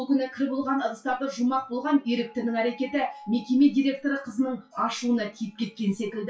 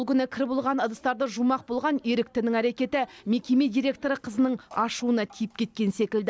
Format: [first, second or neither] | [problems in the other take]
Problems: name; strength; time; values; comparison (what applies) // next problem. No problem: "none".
second | noise reduction (classical method WPE with log-MMSE)